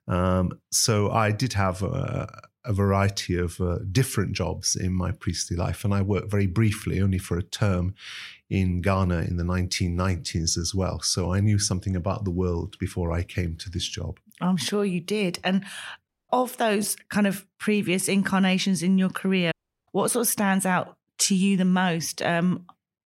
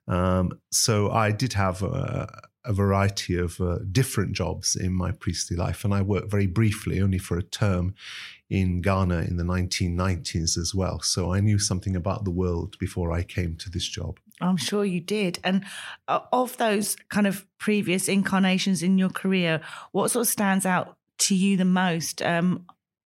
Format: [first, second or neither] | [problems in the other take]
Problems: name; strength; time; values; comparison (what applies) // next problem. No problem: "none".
second | audio cutting out; at 16 s and at 20 s